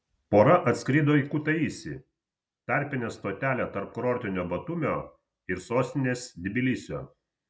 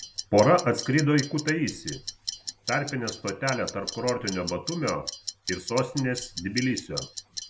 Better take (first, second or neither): first